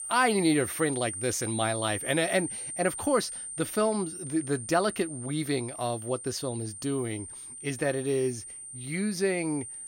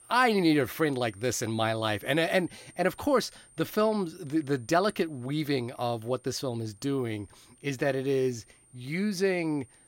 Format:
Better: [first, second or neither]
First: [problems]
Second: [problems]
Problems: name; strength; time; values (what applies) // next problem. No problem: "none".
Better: second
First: high-pitched whine; loud; throughout; 9 kHz, 7 dB below the speech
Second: high-pitched whine; faint; throughout; 9 kHz, 25 dB below the speech